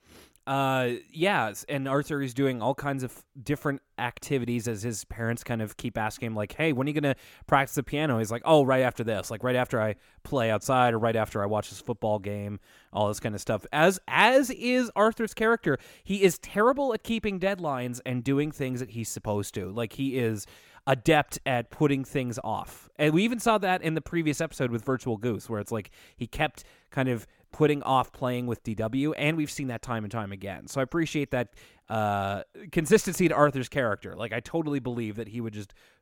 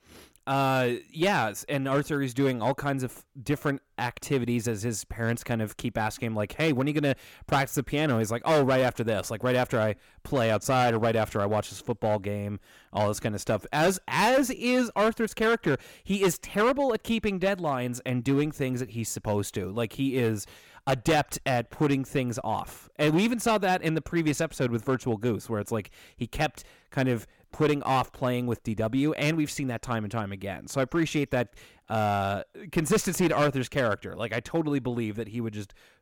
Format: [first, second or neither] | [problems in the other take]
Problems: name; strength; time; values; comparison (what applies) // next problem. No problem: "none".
first | distortion; slight; 5% of the sound clipped